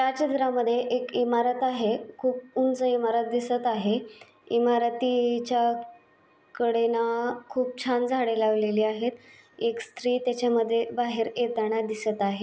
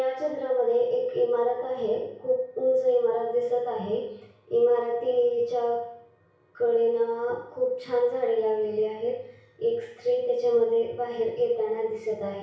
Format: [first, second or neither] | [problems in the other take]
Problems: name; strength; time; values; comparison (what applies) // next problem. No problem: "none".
first | room echo; dies away in 0.6 s